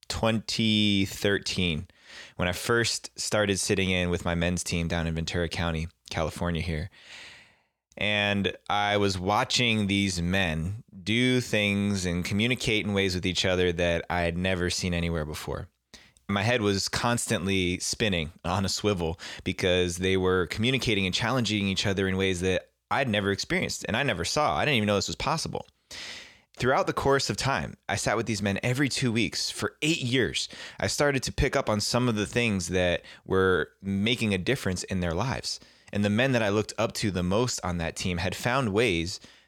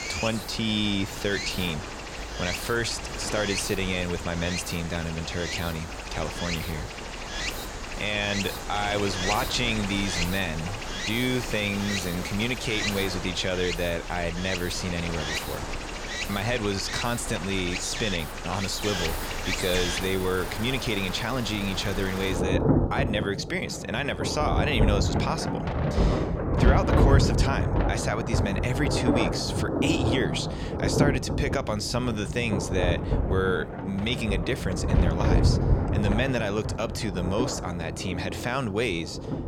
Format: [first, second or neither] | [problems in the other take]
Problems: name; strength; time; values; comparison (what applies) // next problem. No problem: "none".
first | rain or running water; loud; throughout; as loud as the speech